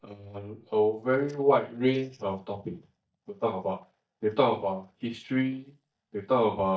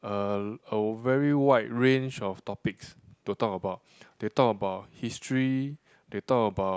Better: second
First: noise reduction (neural mask model DeepFilterNet 3)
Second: none

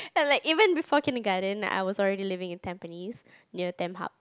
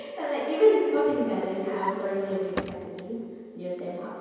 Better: first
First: none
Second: background sound (Drawer open or close); 14 dB below the speech // room echo; dies away in 2.2 s

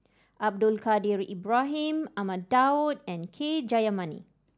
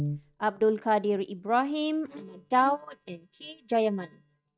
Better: first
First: none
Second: noise reduction (neural mask model DeepFilterNet 3)

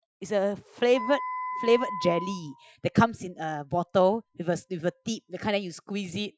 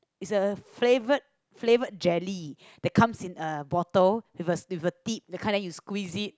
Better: second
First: noise reduction (classical method Wiener filter)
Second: none

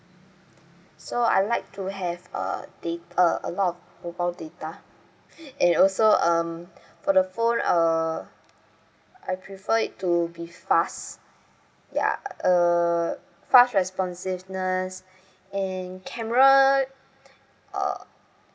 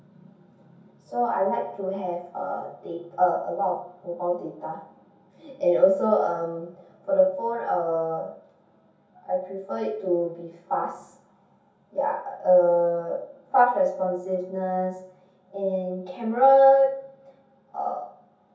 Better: first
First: none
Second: room echo; dies away in 0.6 s

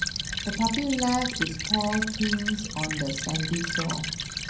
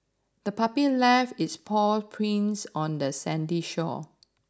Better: second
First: background sound (Stream / Trickle, dribble); 2 dB below the speech // room echo; dies away in 0.6 s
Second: none

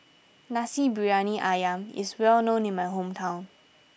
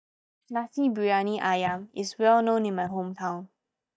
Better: first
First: none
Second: noise reduction (neural mask model DeepFilterNet 3)

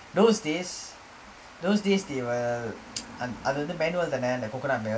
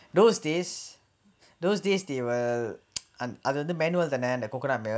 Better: second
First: background sound (Water); 18 dB below the speech // room echo; dies away in 0.2 s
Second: none

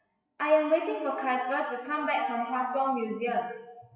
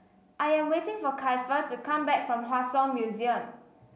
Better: second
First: noise reduction (classical method WPE with log-MMSE)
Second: none

